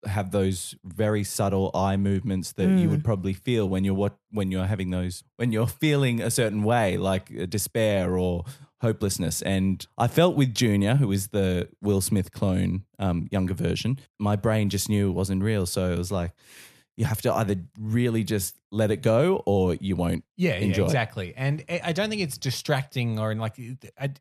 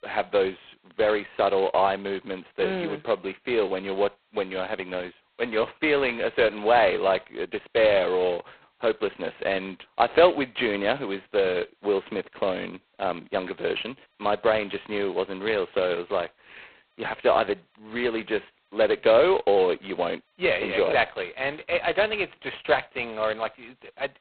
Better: first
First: none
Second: phone-call audio; poor line; nothing above 4 kHz

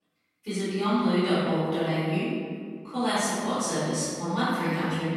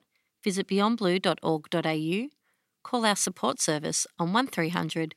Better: second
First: off-mic speech; far // room echo; strong; dies away in 1.8 s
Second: none

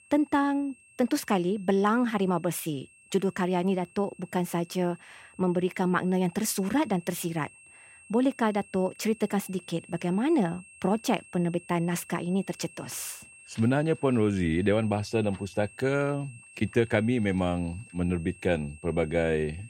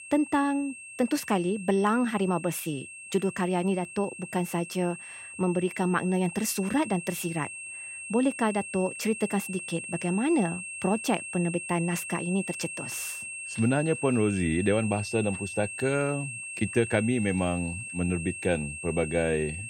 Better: first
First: high-pitched whine; faint; throughout; 2.5 kHz, 25 dB below the speech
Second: high-pitched whine; loud; throughout; 2.5 kHz, 8 dB below the speech

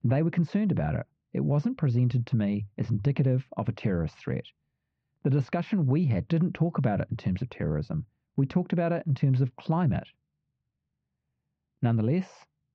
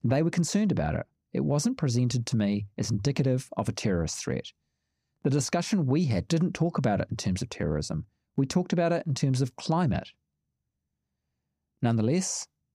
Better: second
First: muffled; very; fading above 3 kHz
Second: none

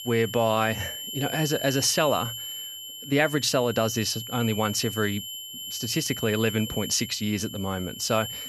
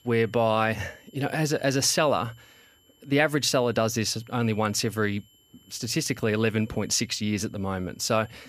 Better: second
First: high-pitched whine; loud; throughout; 3 kHz, 8 dB below the speech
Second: high-pitched whine; faint; throughout; 3 kHz, 30 dB below the speech

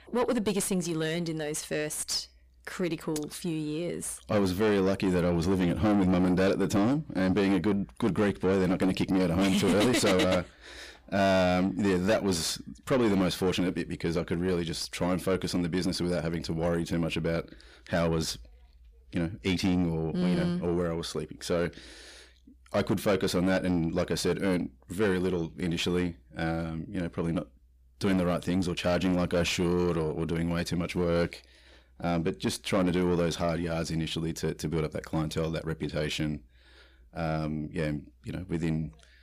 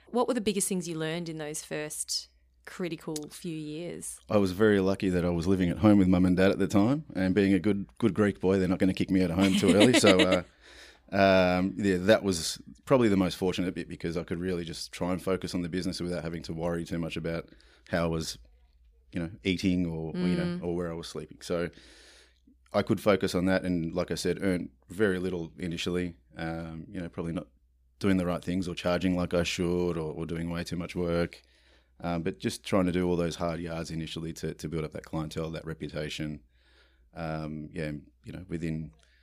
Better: second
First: distortion; heavy; 7 dB below the speech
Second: none

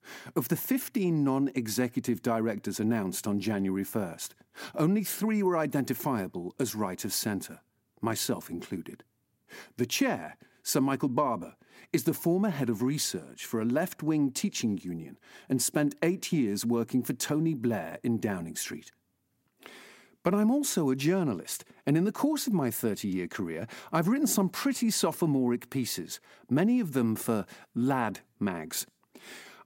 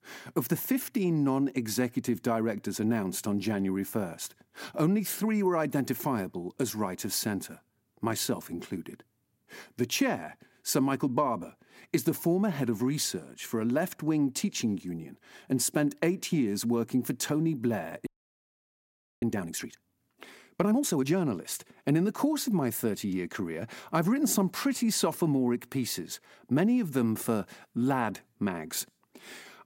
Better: first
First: none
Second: audio freezing; at 18 s for 1 s

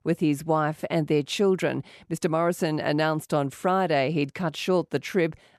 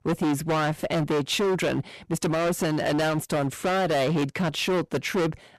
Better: first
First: none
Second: distortion; heavy; 25% of the sound clipped

